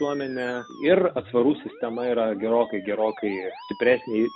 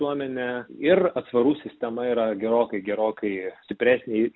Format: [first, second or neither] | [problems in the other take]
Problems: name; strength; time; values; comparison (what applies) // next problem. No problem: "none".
second | background sound (Musical instrument); 19 dB below the speech